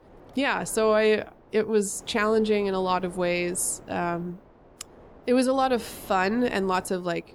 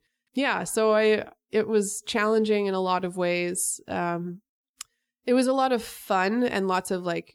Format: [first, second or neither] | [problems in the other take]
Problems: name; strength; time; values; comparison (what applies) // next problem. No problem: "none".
second | wind noise on the microphone; occasional gusts; 25 dB below the speech